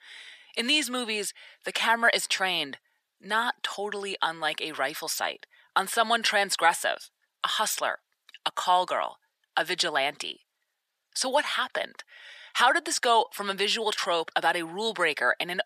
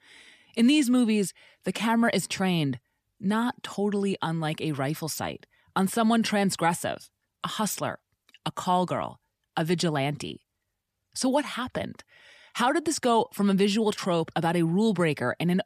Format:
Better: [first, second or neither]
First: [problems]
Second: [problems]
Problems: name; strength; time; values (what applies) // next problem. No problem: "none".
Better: second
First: thin; very; fading below 650 Hz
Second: none